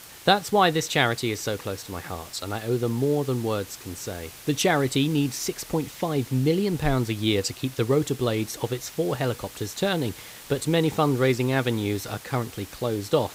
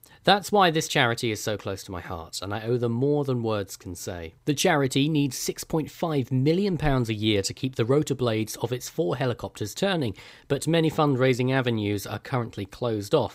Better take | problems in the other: second | hiss; noticeable; throughout; 15 dB below the speech

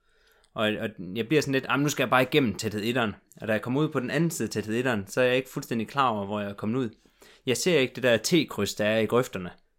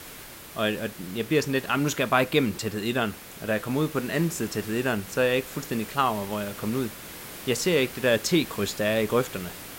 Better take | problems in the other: first | hiss; noticeable; throughout; 15 dB below the speech

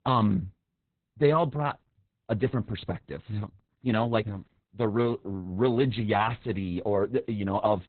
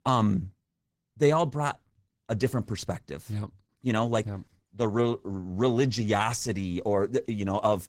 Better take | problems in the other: second | garbled, watery; badly; nothing above 4 kHz; slightly in the second

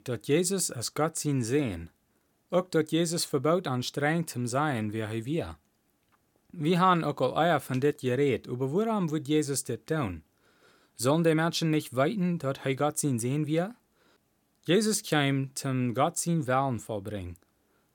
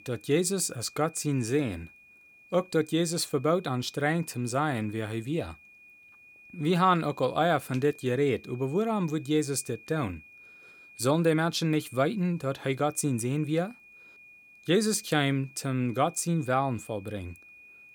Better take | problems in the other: first | high-pitched whine; faint; throughout; 2.5 kHz, 25 dB below the speech

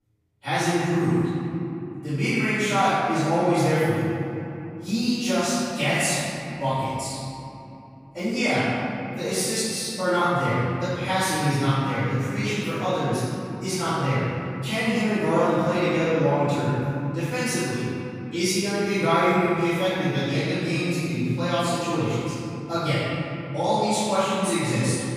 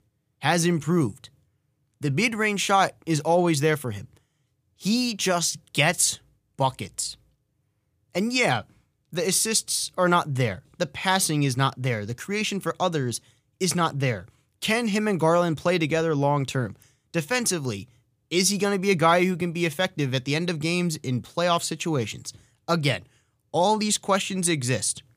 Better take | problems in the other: second | off-mic speech; far // room echo; strong; dies away in 3 s

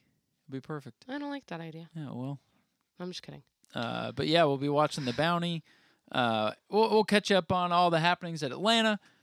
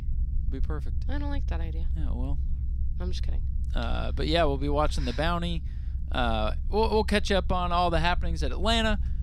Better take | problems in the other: first | low rumble; faint; throughout; 25 dB below the speech

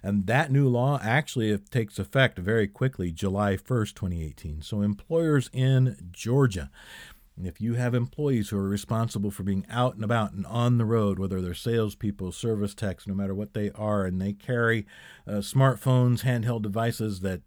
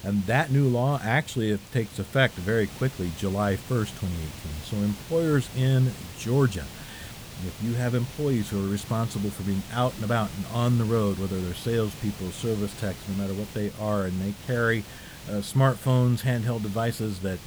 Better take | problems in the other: first | hiss; noticeable; throughout; 15 dB below the speech

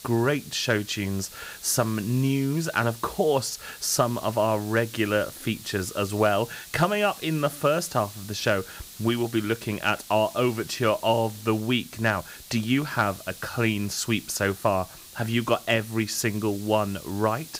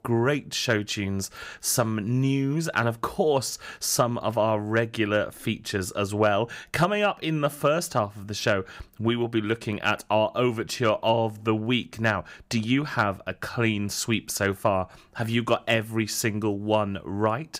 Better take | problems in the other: second | hiss; noticeable; throughout; 15 dB below the speech

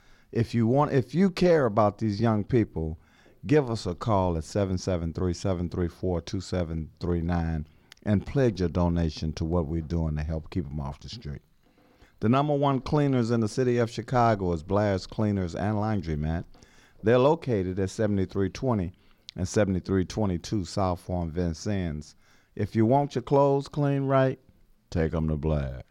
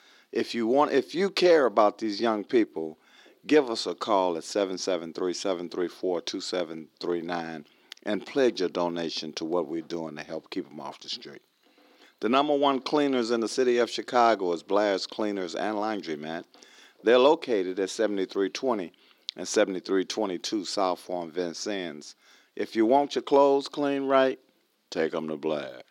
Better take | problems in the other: first | thin; somewhat; fading below 300 Hz

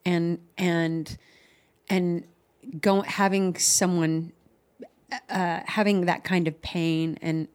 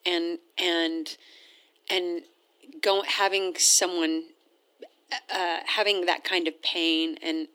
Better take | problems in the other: first | thin; very; fading below 300 Hz

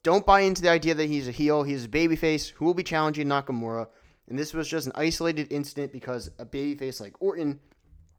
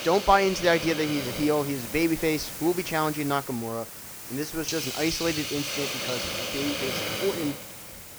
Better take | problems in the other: first | hiss; loud; throughout; 5 dB below the speech

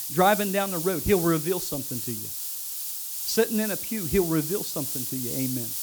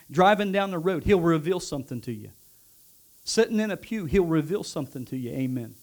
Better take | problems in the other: second | hiss; loud; throughout; 3 dB below the speech; faint in the second

